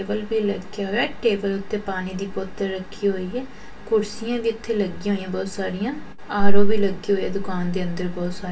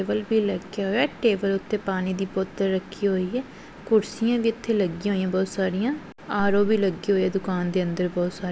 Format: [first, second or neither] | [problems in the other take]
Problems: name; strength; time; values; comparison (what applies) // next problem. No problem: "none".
second | room echo; dies away in 0.2 s